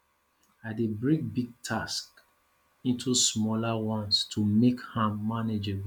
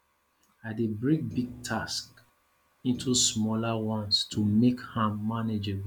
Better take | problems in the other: first | background sound (Thump, thud); 17 dB below the speech

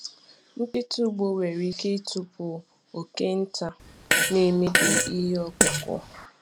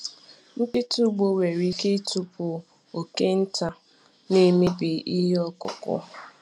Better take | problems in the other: second | background sound (Fart); 2 dB above the speech

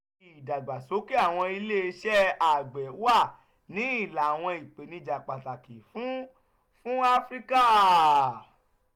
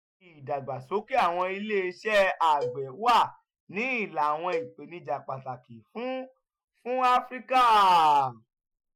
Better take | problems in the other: first | noise reduction (classical method Wiener filter)

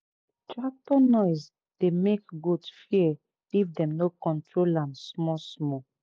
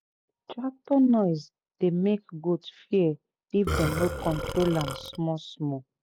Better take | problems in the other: first | background sound (Burping, eructation); 4 dB below the speech

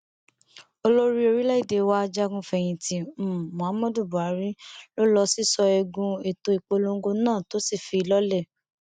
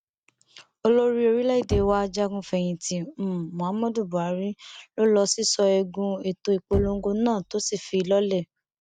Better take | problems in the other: first | background sound (Knock); 15 dB below the speech

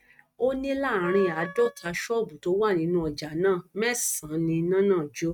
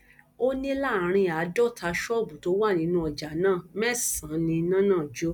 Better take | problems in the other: second | noise reduction (neural mask model RNNoise)

